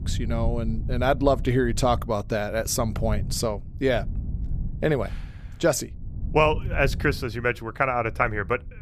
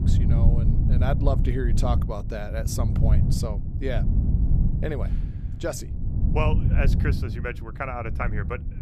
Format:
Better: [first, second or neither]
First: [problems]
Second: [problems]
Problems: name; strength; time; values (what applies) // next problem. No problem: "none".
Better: first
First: wind noise on the microphone; occasional gusts; 20 dB below the speech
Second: wind noise on the microphone; heavy; 6 dB below the speech